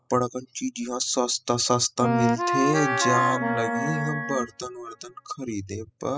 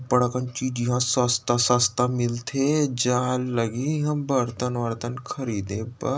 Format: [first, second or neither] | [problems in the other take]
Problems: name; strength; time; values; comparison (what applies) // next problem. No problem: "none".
second | noise reduction (classical method spectral subtraction)